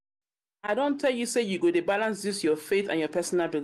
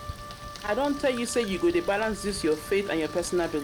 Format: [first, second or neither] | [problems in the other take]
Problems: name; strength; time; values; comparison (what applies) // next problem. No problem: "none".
first | background sound (Wind instrument, woodwind instrument + Bird); 12 dB below the speech